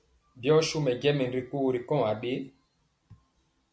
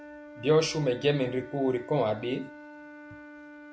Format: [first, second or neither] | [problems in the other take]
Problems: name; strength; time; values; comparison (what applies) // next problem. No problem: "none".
first | background sound (Wind instrument, woodwind instrument); 16 dB below the speech